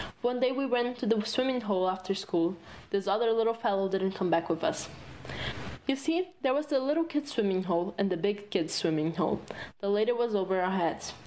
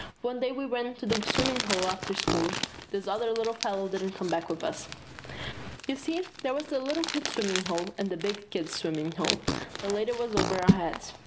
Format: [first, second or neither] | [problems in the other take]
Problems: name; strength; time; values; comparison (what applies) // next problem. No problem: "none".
first | background sound (Fart + Crumpling, crinkling); 2 dB below the speech